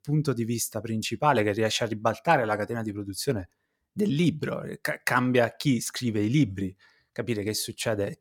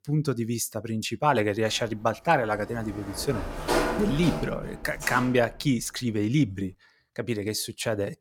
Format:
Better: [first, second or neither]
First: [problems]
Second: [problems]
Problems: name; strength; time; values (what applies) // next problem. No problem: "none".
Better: first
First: none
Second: door banging; loud; from 3 to 5.5 s; peak 2 dB above the speech